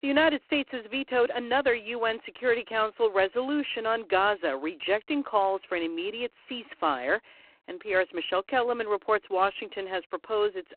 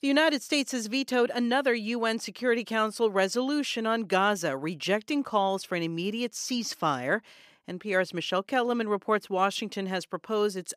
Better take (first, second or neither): second